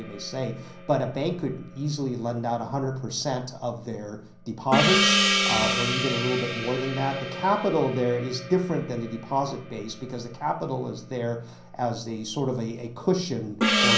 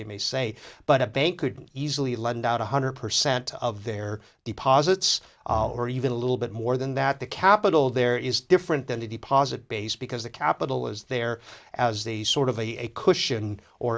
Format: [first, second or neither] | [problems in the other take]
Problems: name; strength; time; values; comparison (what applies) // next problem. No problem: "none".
second | background sound (Gong); 2 dB below the speech // room echo; dies away in 0.6 s